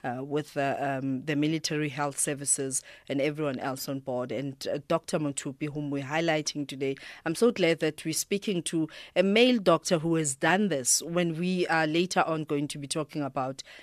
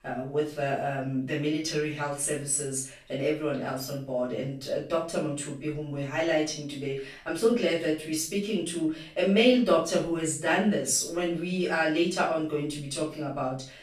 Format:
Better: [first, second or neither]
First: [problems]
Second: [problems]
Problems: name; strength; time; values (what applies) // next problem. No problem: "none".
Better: first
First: none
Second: off-mic speech; far // room echo; noticeable; dies away in 0.4 s